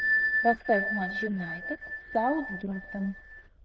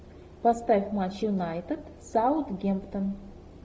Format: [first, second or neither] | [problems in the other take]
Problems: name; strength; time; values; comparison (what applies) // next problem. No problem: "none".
second | noise reduction (neural diffusion model UNIVERSE++)